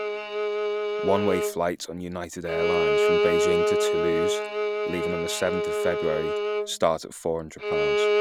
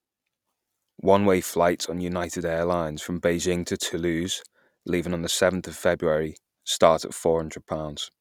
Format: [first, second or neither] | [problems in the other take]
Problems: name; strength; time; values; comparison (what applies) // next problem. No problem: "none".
second | background sound (Bowed string instrument); 4 dB above the speech